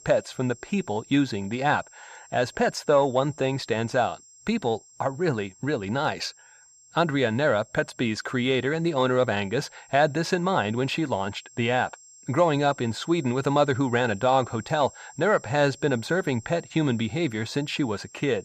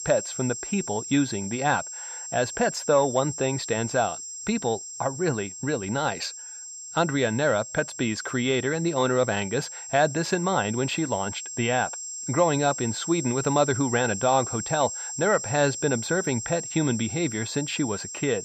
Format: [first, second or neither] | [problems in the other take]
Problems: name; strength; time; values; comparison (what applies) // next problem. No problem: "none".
first | high-pitched whine; loud; throughout; 7.5 kHz, 8 dB below the speech; faint in the first